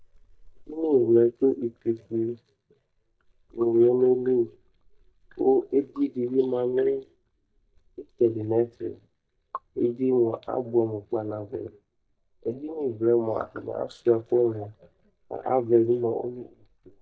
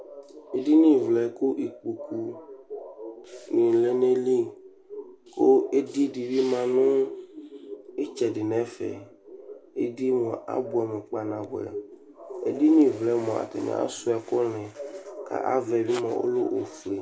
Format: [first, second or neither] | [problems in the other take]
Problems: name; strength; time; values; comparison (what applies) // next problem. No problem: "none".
second | noise reduction (neural mask model DeepFilterNet 3)